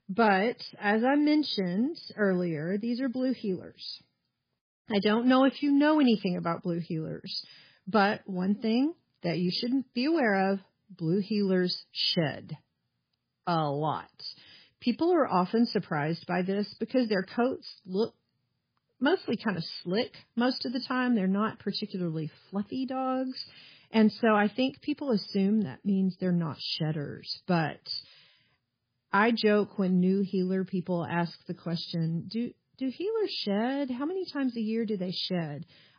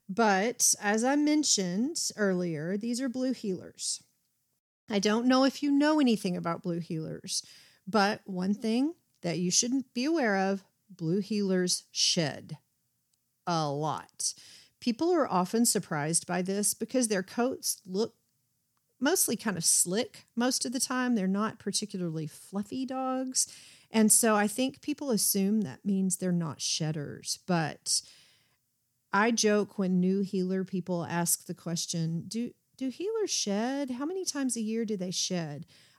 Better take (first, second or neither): second